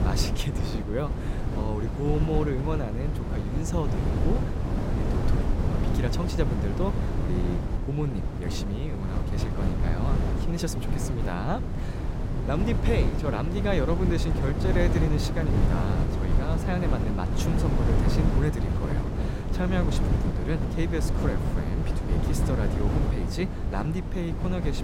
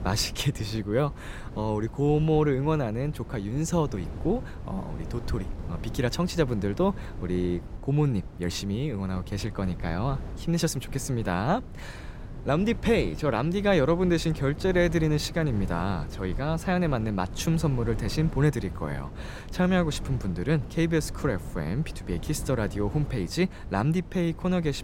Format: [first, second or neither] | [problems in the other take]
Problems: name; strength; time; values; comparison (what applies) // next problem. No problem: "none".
second | wind noise on the microphone; heavy; 2 dB below the speech; occasional gusts in the second